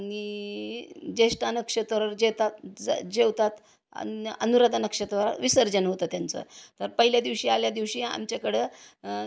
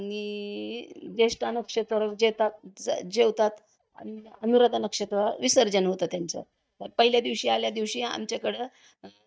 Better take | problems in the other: first | noise reduction (neural mask model DeepFilterNet 3)

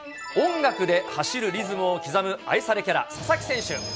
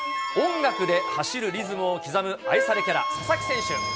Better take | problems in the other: first | background sound (Wind instrument, woodwind instrument); 4 dB below the speech

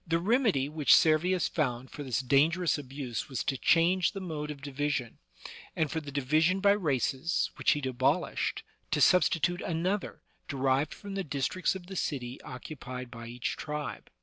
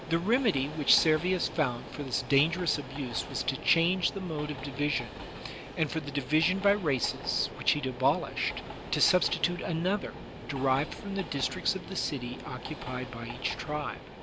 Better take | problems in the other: first | background sound (Train); 11 dB below the speech

